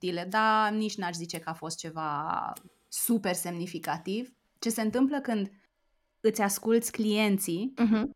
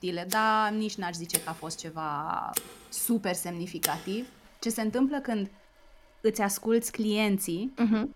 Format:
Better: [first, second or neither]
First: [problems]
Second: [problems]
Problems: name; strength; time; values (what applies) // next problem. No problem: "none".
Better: first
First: household noises; faint; throughout; 20 dB below the speech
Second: household noises; loud; throughout; 4 dB below the speech